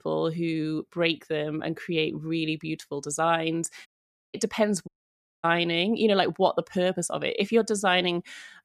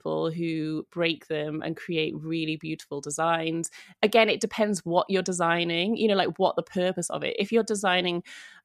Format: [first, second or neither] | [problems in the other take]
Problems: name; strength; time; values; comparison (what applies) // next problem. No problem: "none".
second | audio cutting out; at 4 s and at 5 s for 0.5 s